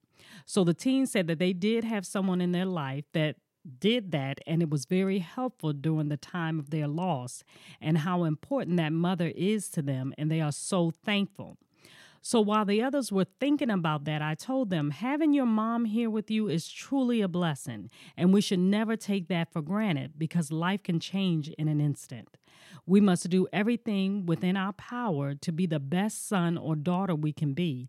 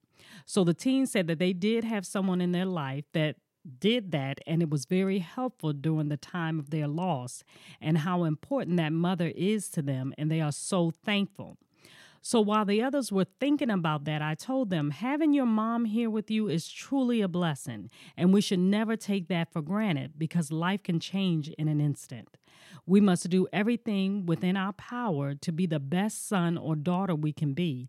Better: neither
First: none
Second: none

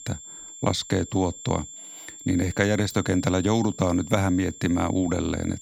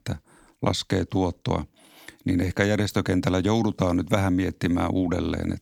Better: second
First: high-pitched whine; noticeable; throughout; 7.5 kHz, 15 dB below the speech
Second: none

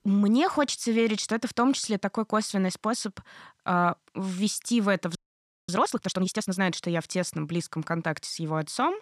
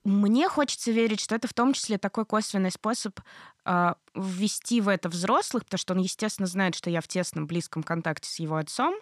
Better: second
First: audio freezing; at 5 s for 0.5 s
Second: none

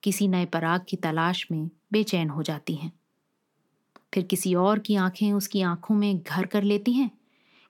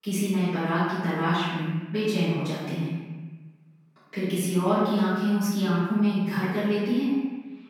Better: first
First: none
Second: off-mic speech; far // room echo; strong; dies away in 1.3 s

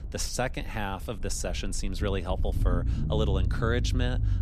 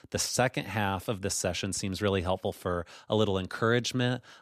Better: second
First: low rumble; noticeable; throughout; 10 dB below the speech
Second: none

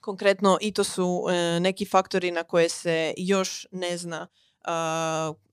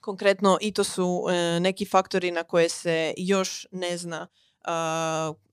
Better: neither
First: none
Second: none

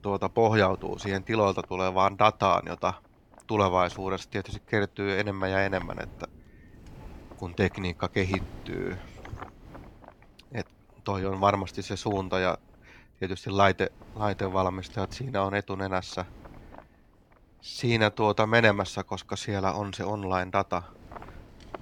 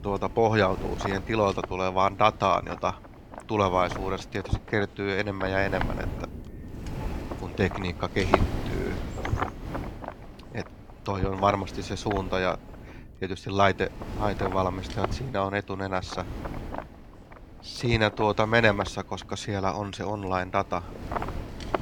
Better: first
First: wind noise on the microphone; occasional gusts; 20 dB below the speech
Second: wind noise on the microphone; heavy; 10 dB below the speech

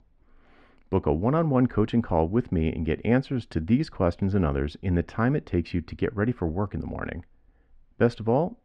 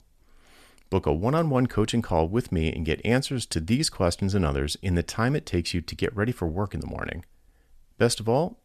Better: second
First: muffled; very; fading above 2 kHz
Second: none

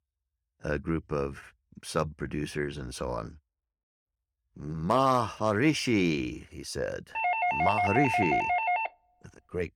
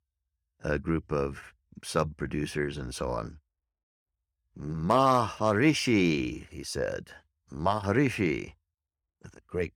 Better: second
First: doorbell; loud; from 7 to 9 s; peak 3 dB above the speech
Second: none

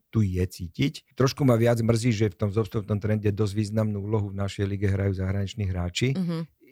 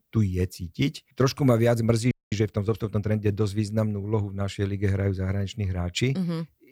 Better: first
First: none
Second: audio freezing; at 2 s

